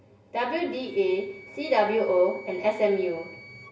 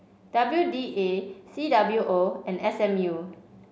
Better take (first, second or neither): second